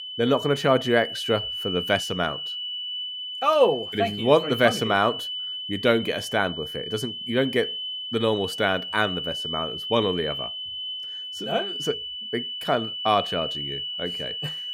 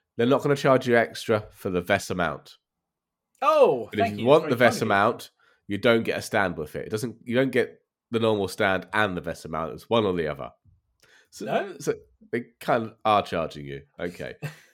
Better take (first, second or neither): second